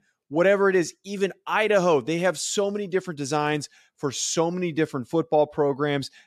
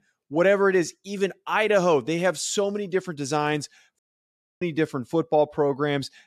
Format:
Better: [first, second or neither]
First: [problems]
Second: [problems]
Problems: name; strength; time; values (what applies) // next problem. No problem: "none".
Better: first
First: none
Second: audio cutting out; at 4 s for 0.5 s